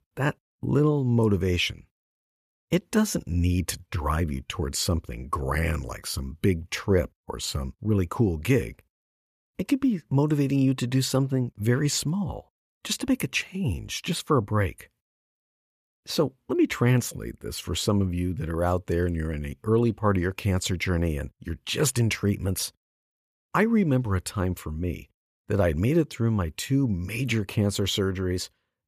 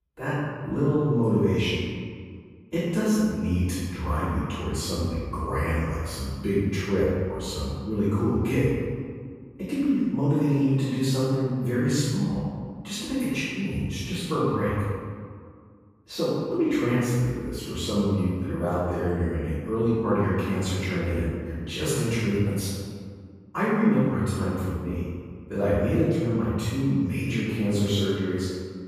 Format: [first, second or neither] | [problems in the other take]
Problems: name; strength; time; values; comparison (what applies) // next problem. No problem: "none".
first | off-mic speech; far // room echo; strong; dies away in 1.7 s